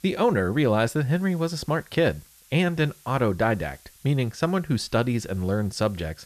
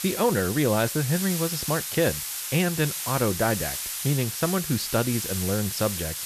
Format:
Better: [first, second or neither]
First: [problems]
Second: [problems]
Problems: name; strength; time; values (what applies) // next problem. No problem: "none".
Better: first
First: hiss; faint; throughout; 25 dB below the speech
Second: hiss; loud; throughout; 3 dB below the speech